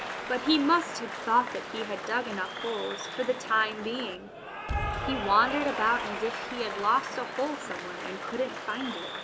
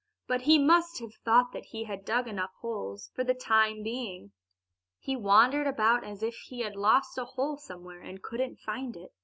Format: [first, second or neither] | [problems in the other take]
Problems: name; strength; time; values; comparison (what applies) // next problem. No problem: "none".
second | background sound (Applause / Cheering); 6 dB below the speech